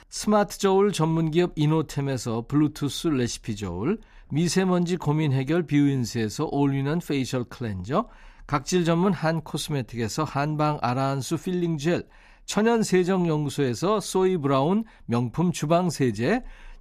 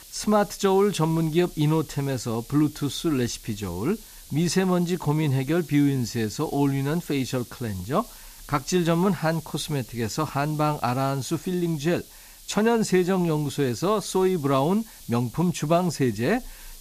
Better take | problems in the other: first | hiss; noticeable; throughout; 20 dB below the speech

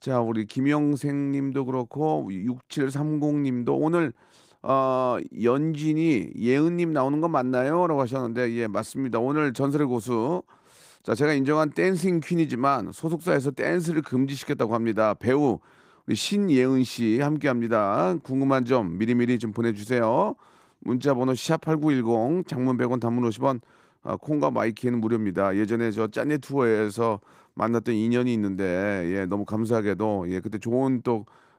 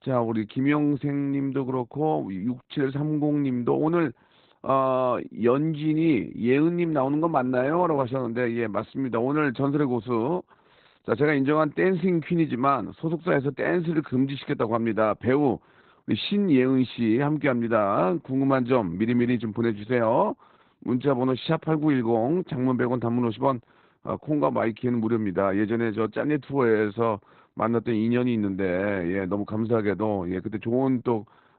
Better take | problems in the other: first | garbled, watery; badly; nothing above 4 kHz; slightly in the first

